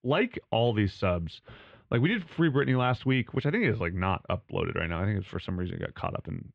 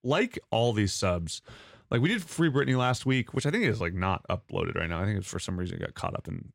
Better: second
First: muffled; very; fading above 3 kHz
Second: none

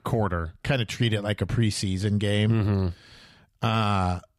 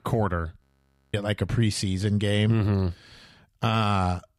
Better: first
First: none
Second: audio freezing; at 0.5 s for 0.5 s

